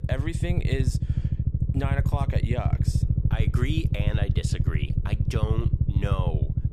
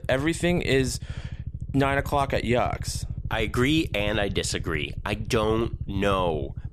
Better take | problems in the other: second | low rumble; loud; throughout; 3 dB below the speech; faint in the second

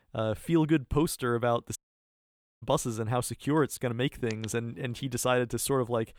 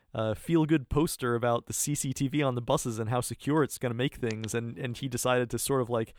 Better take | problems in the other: second | audio cutting out; at 2 s for 1 s

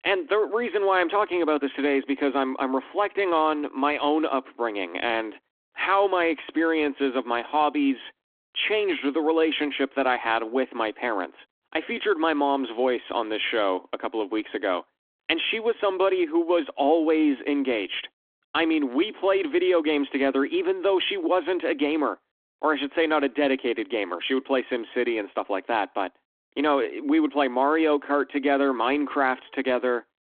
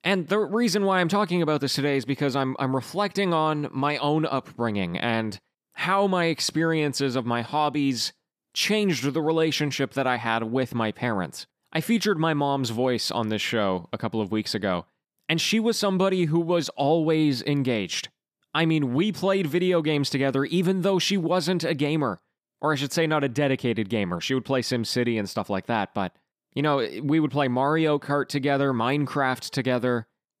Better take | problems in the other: second | phone-call audio

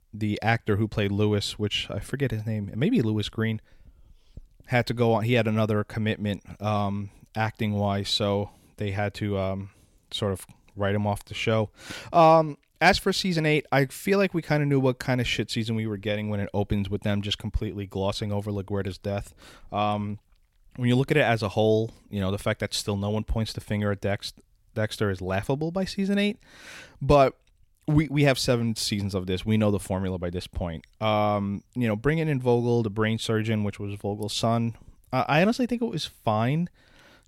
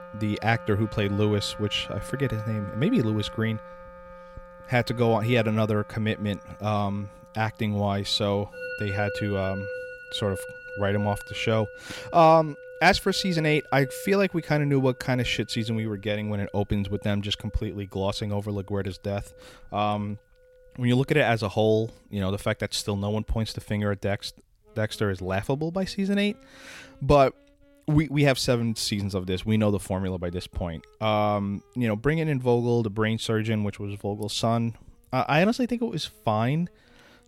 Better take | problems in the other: first | background music; noticeable; throughout; 15 dB below the speech

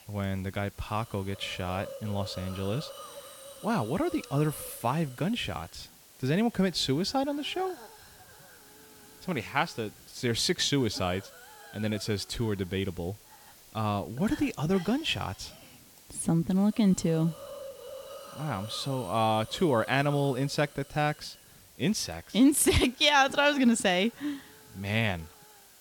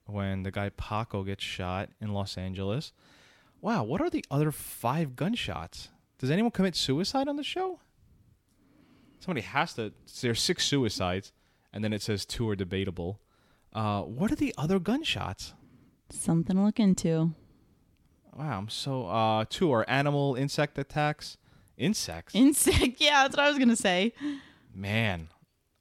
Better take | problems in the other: second | hiss; noticeable; throughout; 20 dB below the speech

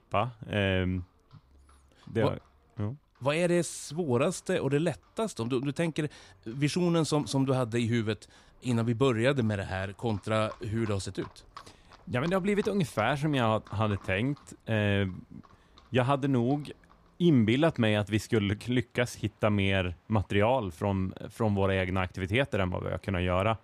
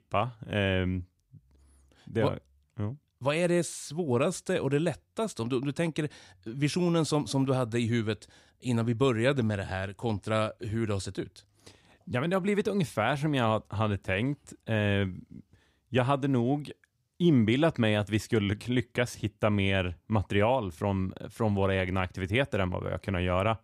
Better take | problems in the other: second | animal sounds; faint; throughout; 30 dB below the speech

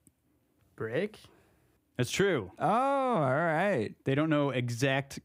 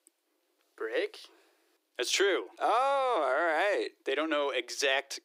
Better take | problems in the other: first | thin; very; fading below 350 Hz

